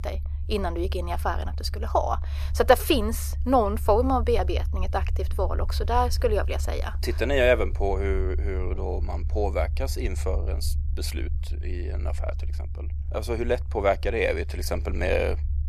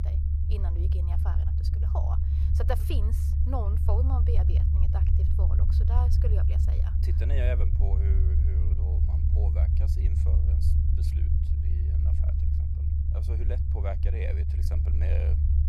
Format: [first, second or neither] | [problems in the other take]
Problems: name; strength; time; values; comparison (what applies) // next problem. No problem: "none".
first | low rumble; loud; throughout; 1 dB below the speech; faint in the first